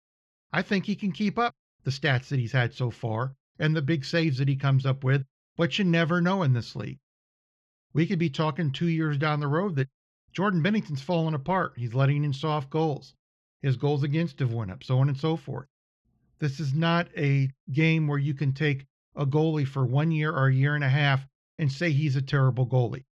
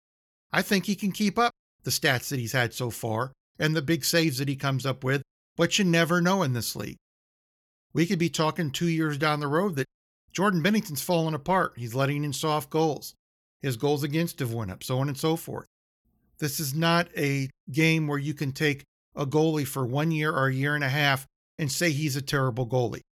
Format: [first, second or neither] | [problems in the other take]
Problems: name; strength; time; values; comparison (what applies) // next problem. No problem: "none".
second | muffled; slightly; fading above 4 kHz